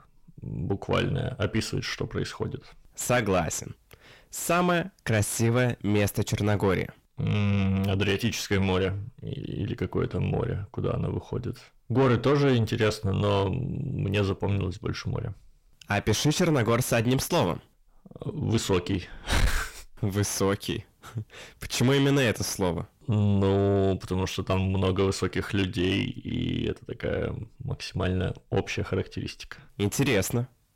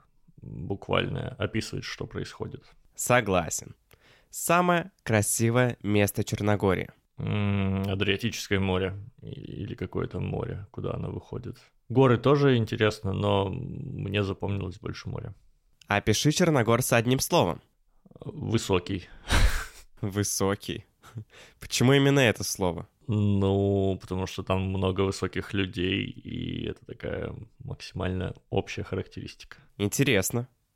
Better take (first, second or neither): second